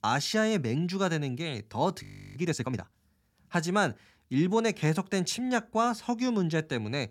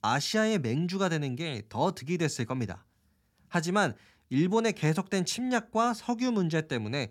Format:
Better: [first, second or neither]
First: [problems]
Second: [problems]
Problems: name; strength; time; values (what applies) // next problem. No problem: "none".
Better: second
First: audio freezing; at 2 s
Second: none